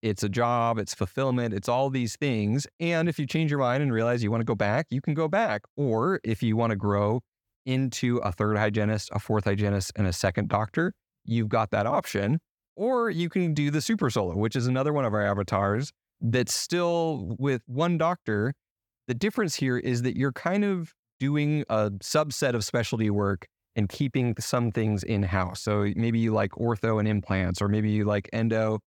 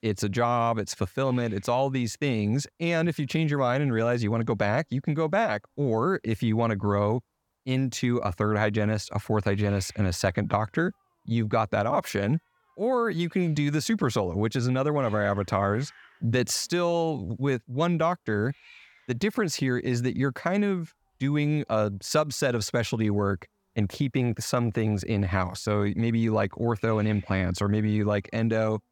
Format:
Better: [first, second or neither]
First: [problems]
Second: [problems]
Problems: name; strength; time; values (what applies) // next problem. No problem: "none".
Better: first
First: none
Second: hiss; faint; throughout; 30 dB below the speech